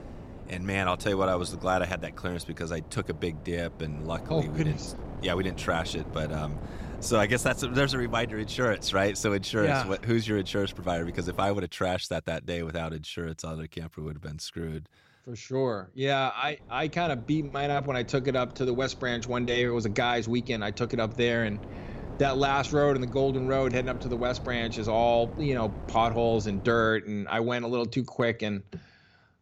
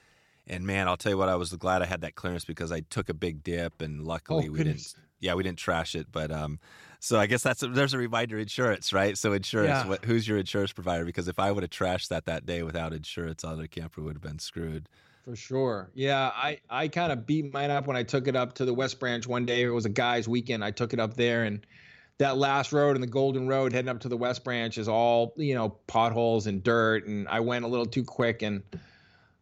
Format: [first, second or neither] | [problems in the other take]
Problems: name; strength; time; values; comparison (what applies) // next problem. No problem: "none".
second | wind noise on the microphone; occasional gusts; until 11 s and from 17 to 27 s; 20 dB below the speech